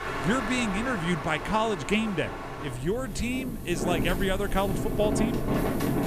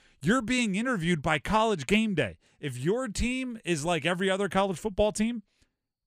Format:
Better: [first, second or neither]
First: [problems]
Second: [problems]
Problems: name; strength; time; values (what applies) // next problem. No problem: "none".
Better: second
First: wind in the background; loud; throughout; 3 dB below the speech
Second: none